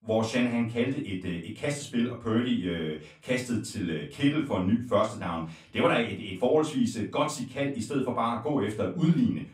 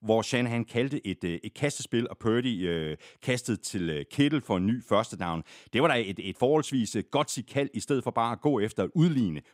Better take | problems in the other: second | off-mic speech; far // room echo; slight; dies away in 0.3 s

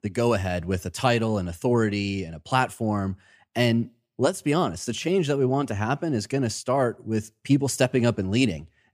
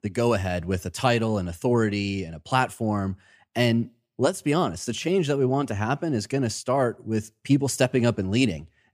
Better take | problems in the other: neither | none

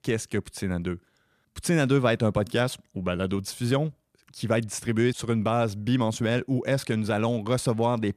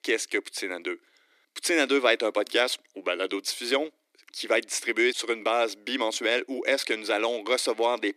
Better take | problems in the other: first | thin; somewhat; fading below 300 Hz

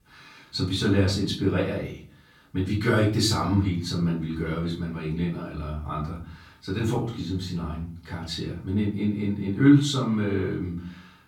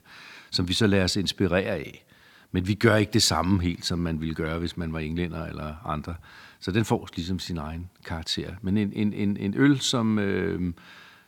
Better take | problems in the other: second | off-mic speech; far // room echo; slight; dies away in 0.5 s

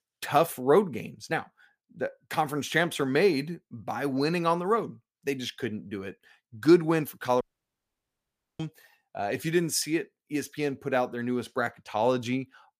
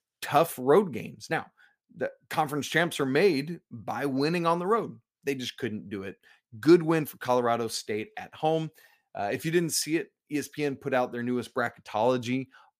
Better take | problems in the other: second | audio cutting out; at 7.5 s for 1 s

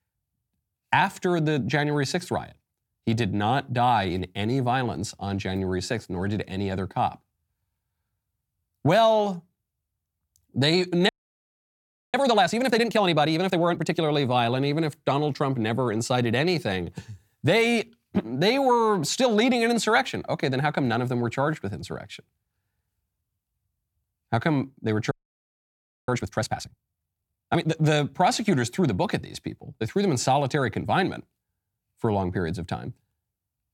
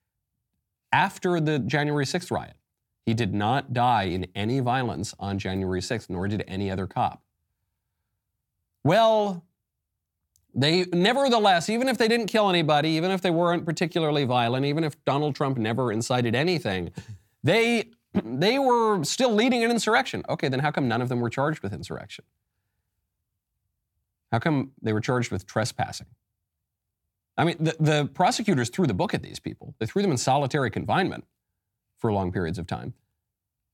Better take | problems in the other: second | audio freezing; at 11 s for 1 s and at 25 s for 1 s

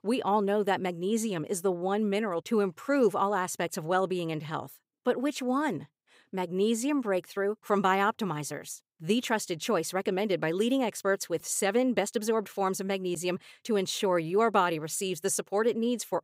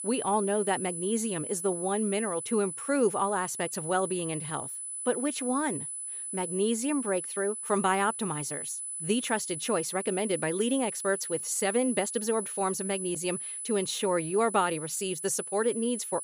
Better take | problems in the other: first | high-pitched whine; loud; throughout; 10 kHz, 5 dB below the speech

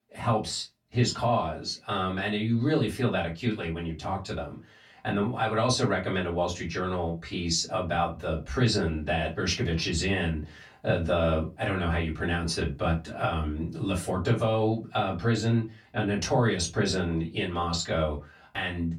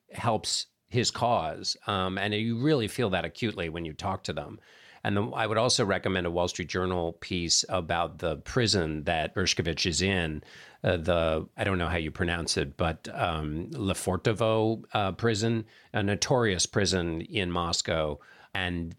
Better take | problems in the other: second | off-mic speech; far // room echo; very slight; dies away in 0.2 s

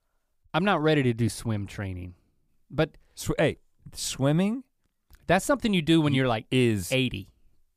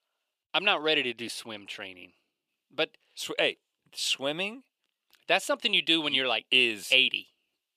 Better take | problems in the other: first | thin; somewhat; fading below 450 Hz

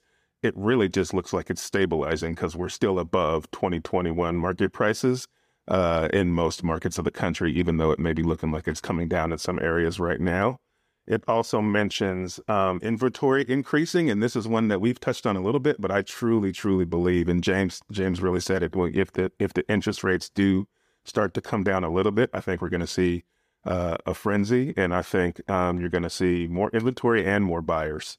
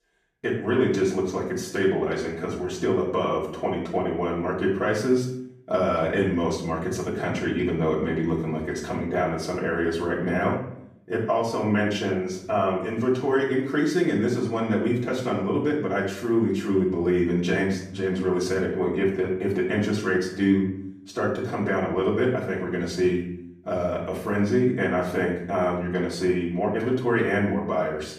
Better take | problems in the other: first | off-mic speech; far // room echo; noticeable; dies away in 0.6 s

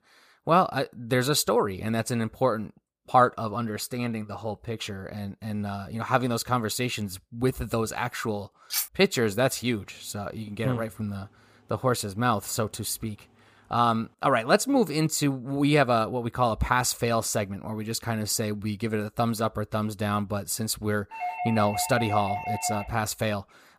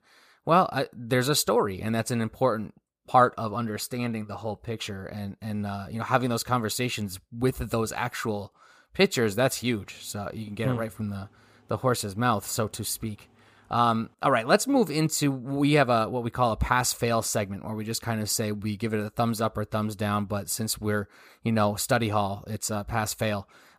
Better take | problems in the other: second | clattering dishes; noticeable; at 8.5 s; peak 2 dB below the speech // doorbell; noticeable; from 21 to 23 s; peak 4 dB below the speech

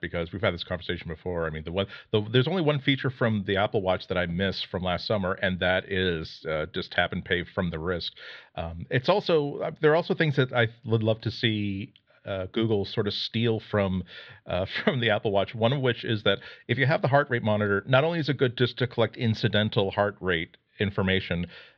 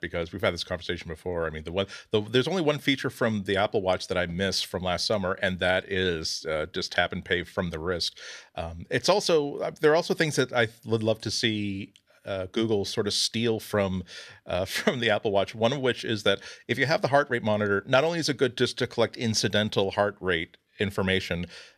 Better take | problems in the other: second | muffled; slightly; fading above 4 kHz

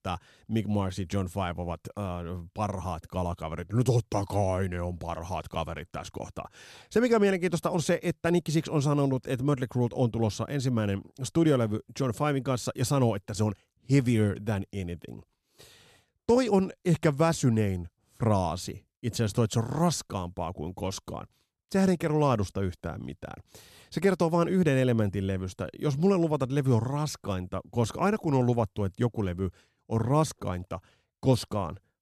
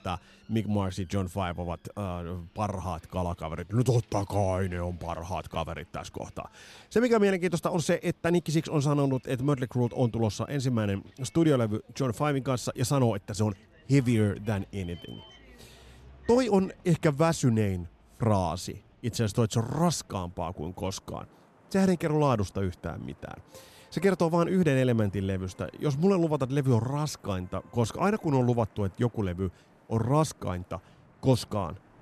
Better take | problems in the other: first | traffic noise; faint; throughout; 30 dB below the speech

